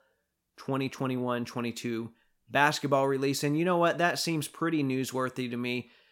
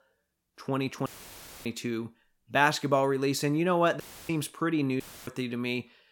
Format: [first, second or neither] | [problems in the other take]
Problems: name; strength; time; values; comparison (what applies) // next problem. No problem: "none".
first | audio cutting out; filled with static; at 1 s for 0.5 s, at 4 s and at 5 s